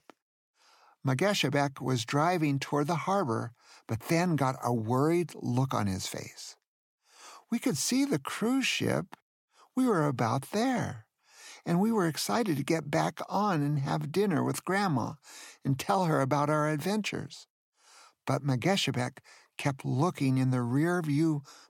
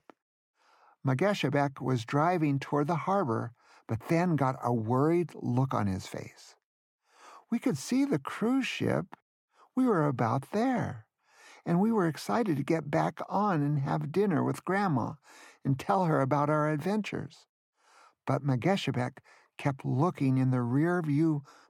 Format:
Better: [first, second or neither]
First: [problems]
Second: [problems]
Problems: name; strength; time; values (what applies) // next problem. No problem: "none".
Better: first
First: none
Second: muffled; slightly; fading above 2.5 kHz